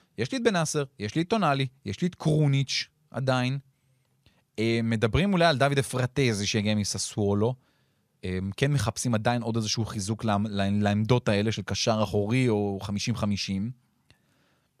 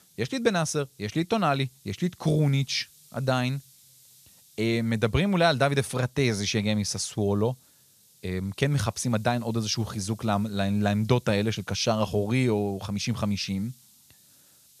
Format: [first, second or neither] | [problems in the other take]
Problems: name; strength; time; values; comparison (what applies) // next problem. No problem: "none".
first | hiss; faint; throughout; 30 dB below the speech